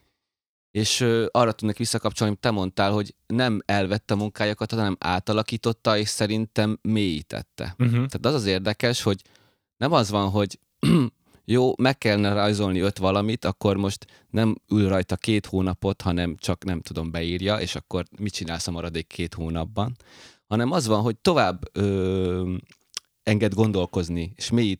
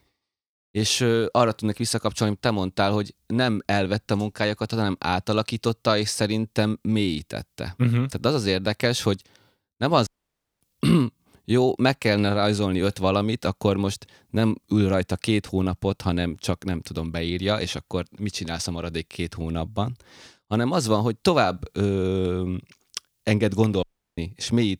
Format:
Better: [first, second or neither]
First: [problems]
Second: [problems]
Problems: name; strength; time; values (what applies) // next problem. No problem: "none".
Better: first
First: none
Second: audio cutting out; at 10 s for 0.5 s and at 24 s